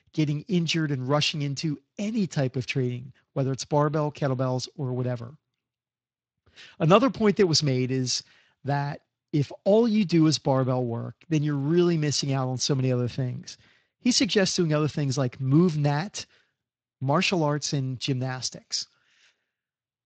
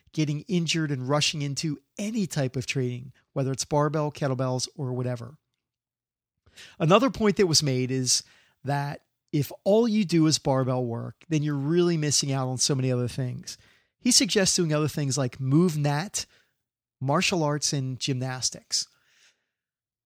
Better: second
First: garbled, watery; slightly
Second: none

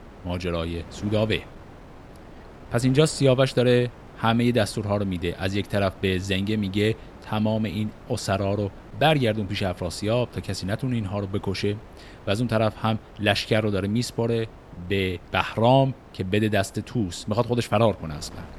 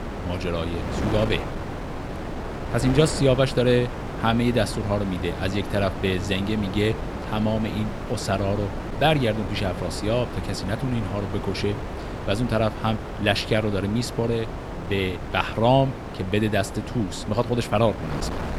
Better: first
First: wind noise on the microphone; occasional gusts; 20 dB below the speech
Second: wind noise on the microphone; heavy; 8 dB below the speech

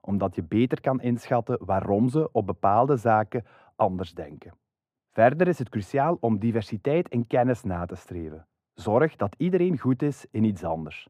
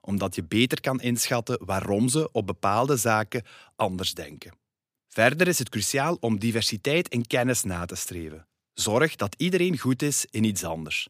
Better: second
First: muffled; very; fading above 2.5 kHz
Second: none

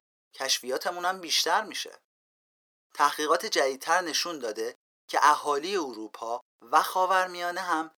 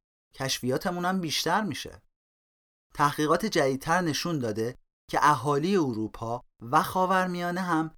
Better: second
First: thin; very; fading below 450 Hz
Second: none

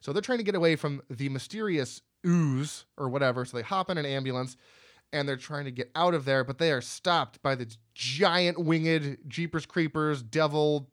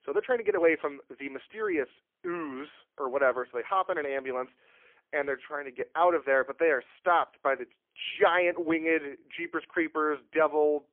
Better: first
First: none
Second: phone-call audio; poor line; nothing above 3.5 kHz

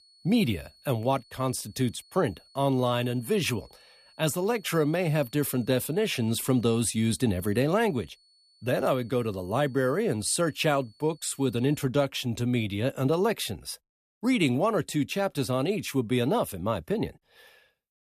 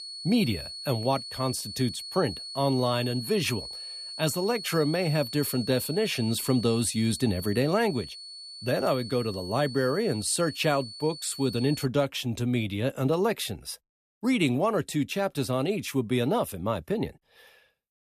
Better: first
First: high-pitched whine; faint; until 12 s; 4.5 kHz, 30 dB below the speech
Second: high-pitched whine; loud; until 12 s; 4.5 kHz, 10 dB below the speech

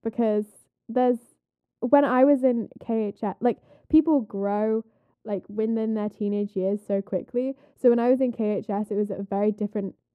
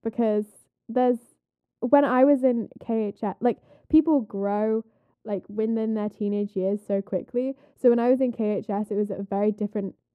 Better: neither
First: muffled; very; fading above 1 kHz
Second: muffled; very; fading above 1 kHz

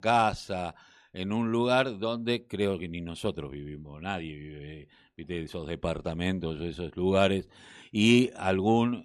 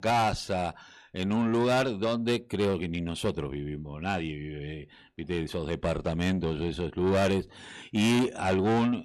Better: first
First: none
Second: distortion; heavy; 7 dB below the speech

